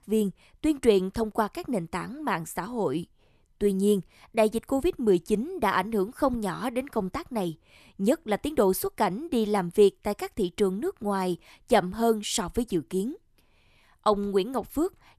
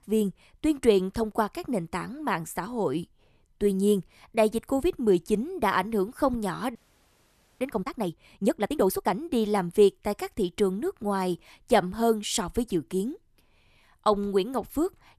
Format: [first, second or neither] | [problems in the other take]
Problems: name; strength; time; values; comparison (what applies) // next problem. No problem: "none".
first | audio freezing; at 7 s for 1 s